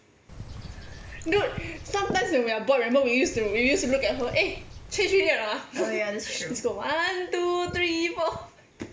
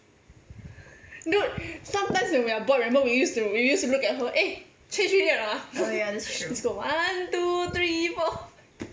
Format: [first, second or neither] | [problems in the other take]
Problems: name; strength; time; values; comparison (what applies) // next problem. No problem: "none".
second | background sound (Bird); 15 dB below the speech